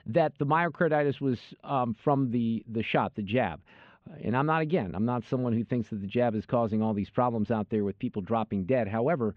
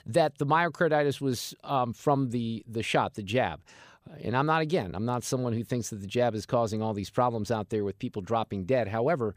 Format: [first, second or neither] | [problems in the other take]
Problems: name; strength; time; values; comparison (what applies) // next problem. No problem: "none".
second | muffled; very; fading above 3 kHz